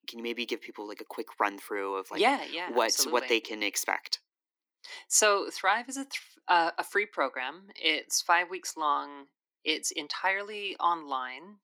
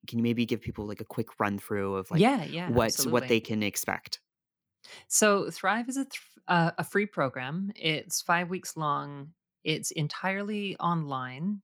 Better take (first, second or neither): second